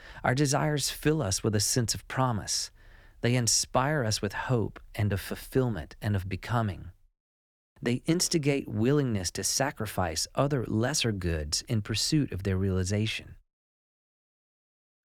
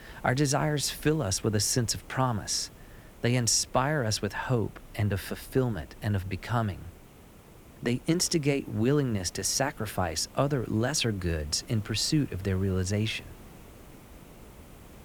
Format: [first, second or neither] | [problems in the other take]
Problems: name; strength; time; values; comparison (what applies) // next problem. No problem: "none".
first | hiss; faint; throughout; 25 dB below the speech